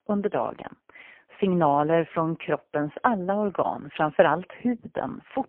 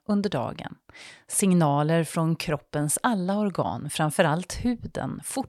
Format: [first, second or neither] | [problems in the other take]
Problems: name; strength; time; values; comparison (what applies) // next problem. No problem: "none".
second | phone-call audio; poor line